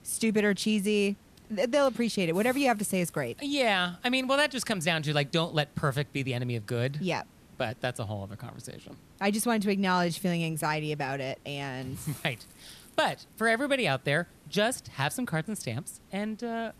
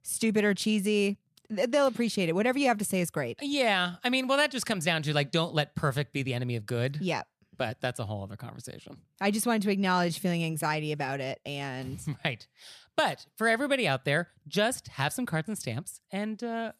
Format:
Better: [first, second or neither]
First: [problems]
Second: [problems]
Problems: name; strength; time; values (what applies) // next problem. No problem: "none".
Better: second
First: hiss; faint; throughout; 25 dB below the speech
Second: none